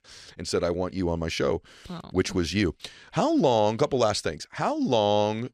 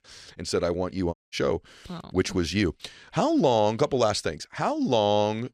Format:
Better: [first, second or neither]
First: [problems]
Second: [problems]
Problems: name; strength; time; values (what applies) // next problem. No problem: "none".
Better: first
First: none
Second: audio cutting out; at 1 s